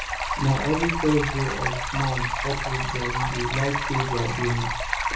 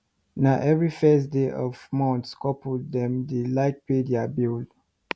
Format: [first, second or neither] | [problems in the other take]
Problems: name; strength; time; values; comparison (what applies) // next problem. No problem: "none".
second | background sound (Stream); 1 dB below the speech // room echo; dies away in 1 s